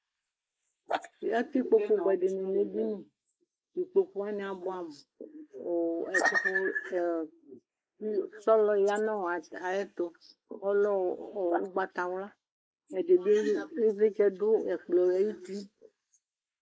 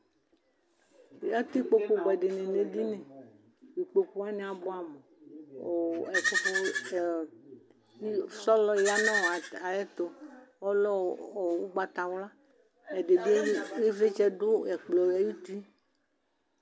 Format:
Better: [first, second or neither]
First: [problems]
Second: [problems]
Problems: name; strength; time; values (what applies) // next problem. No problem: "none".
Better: second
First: noise reduction (neural mask model Resemble Enhance denoiser)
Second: none